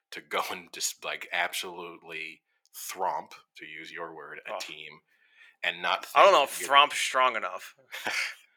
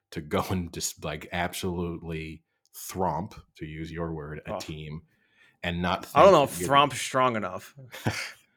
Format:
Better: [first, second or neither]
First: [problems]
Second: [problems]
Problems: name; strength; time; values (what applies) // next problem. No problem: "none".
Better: second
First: thin; very; fading below 600 Hz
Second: none